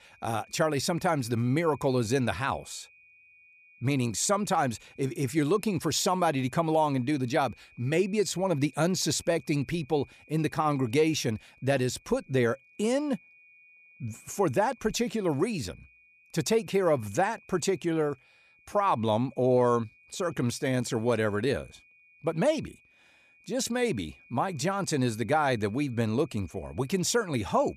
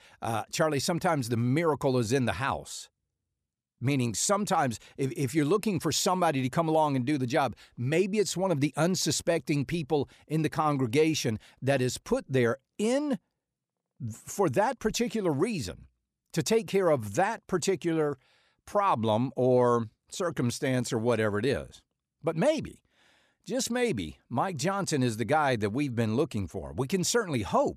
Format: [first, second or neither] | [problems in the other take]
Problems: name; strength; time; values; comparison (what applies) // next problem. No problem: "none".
second | high-pitched whine; faint; throughout; 2.5 kHz, 30 dB below the speech